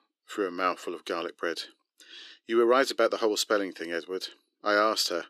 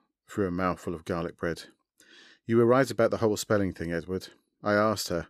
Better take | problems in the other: second | thin; somewhat; fading below 300 Hz

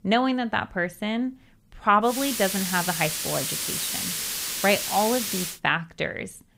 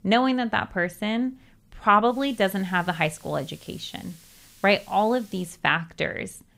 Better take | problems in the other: second | hiss; loud; from 2 to 5.5 s; 2 dB below the speech; faint in the second

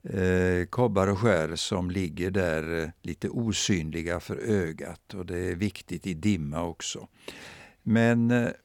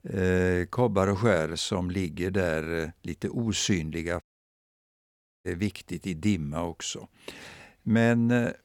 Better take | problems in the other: first | audio cutting out; at 4 s for 1 s

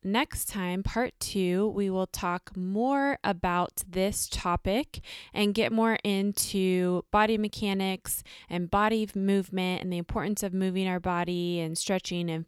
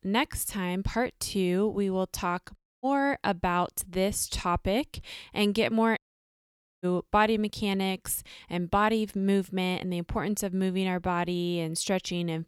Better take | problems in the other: first | audio cutting out; at 2.5 s and at 6 s for 1 s

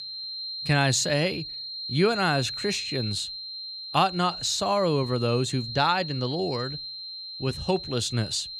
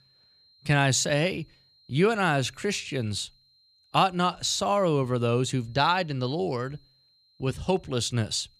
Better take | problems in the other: second | high-pitched whine; loud; throughout; 4 kHz, 7 dB below the speech; faint in the second

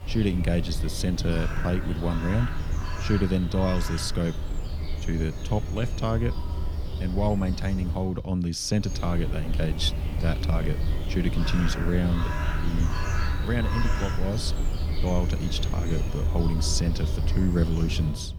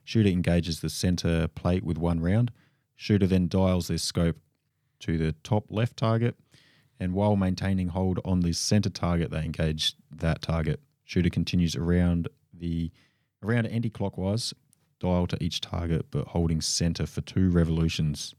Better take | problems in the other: second | animal sounds; loud; throughout; 2 dB below the speech

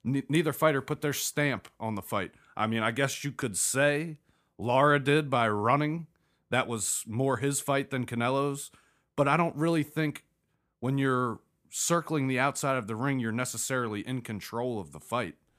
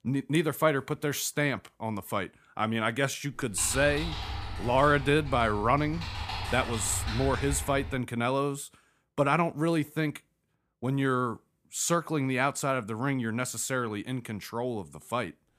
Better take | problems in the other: first | keyboard typing; noticeable; from 3.5 to 8 s; peak 5 dB below the speech

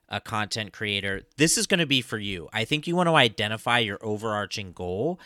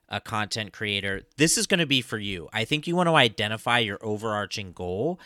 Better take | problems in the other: neither | none

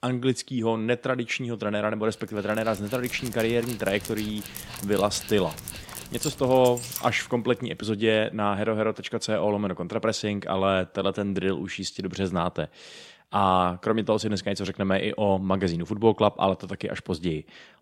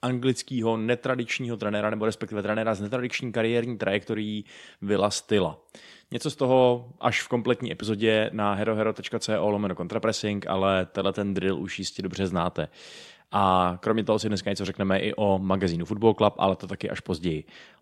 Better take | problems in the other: second | dog barking; noticeable; from 2.5 to 7 s; peak 7 dB below the speech

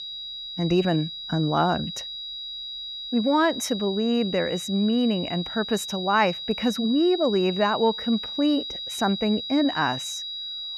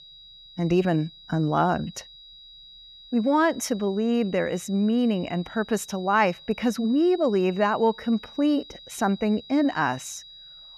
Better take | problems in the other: second | high-pitched whine; loud; throughout; 4 kHz, 7 dB below the speech; faint in the second

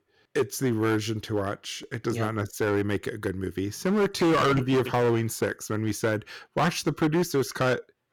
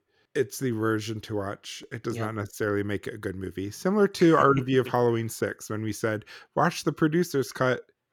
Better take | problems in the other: second | distortion; heavy; 9% of the sound clipped

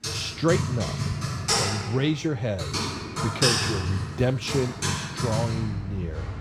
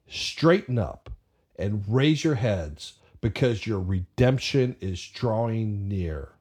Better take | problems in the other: second | household noises; very loud; throughout; 1 dB above the speech

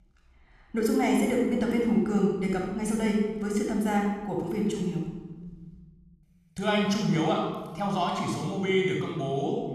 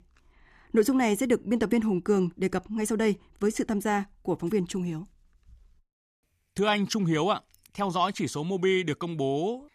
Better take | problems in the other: second | off-mic speech; somewhat distant // room echo; noticeable; dies away in 1.3 s

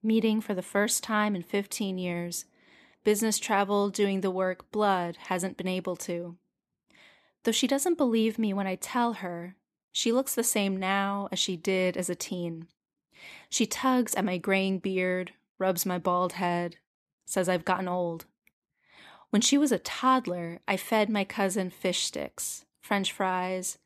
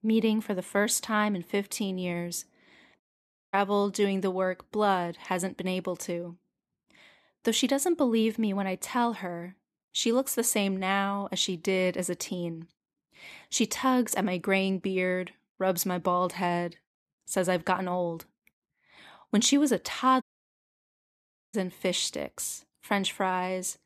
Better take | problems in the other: first | audio cutting out; at 3 s for 0.5 s and at 20 s for 1.5 s

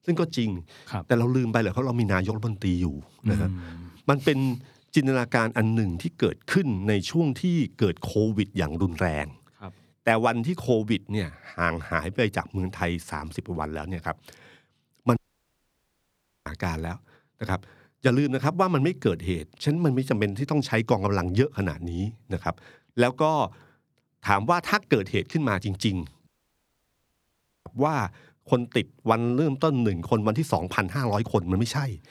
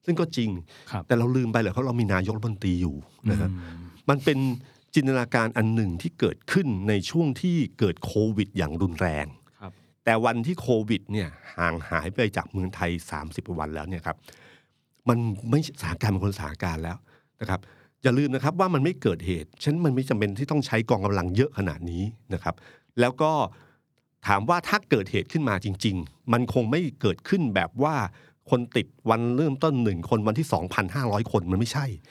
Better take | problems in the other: second | audio cutting out; at 15 s for 1.5 s and at 26 s for 1.5 s

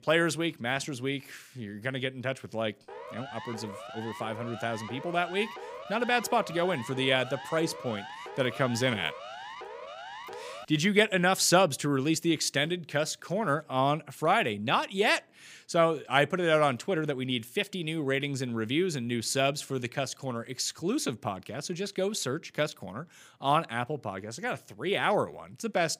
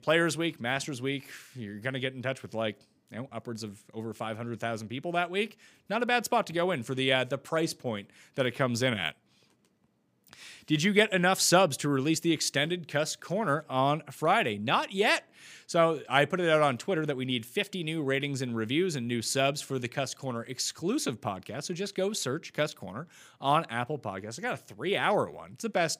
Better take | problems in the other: second | siren; faint; from 3 to 11 s; peak 10 dB below the speech

